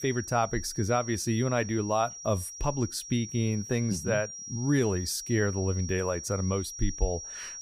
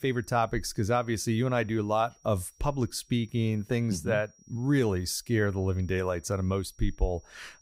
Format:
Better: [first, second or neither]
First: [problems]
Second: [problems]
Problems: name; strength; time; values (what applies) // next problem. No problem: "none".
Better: second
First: high-pitched whine; loud; throughout; 5.5 kHz, 9 dB below the speech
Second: high-pitched whine; faint; throughout; 5.5 kHz, 30 dB below the speech